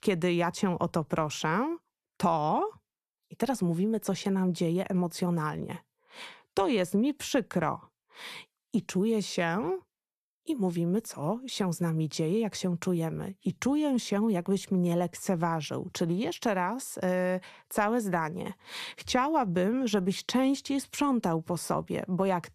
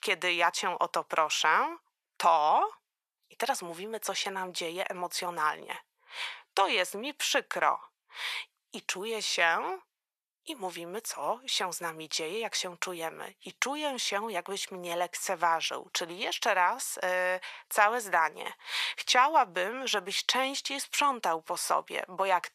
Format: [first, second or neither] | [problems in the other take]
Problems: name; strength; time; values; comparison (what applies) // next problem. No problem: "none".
first | thin; very; fading below 850 Hz